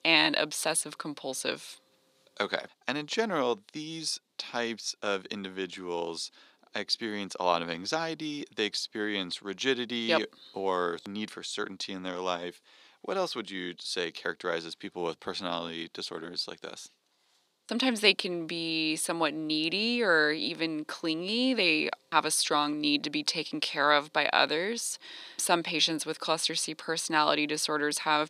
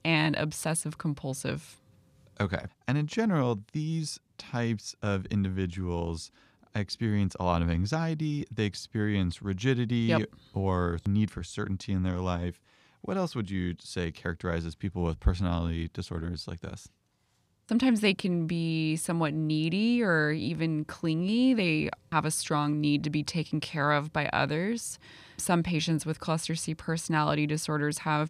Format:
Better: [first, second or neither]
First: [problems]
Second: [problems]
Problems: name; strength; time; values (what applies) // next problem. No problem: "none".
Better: second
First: thin; somewhat; fading below 350 Hz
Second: none